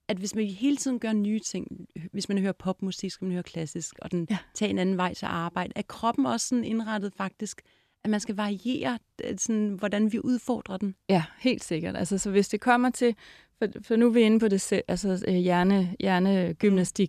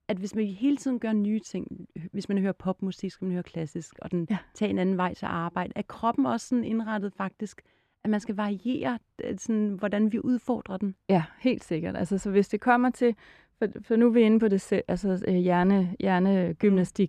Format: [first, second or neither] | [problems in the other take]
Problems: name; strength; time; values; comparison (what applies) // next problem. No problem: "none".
first | muffled; slightly; fading above 3 kHz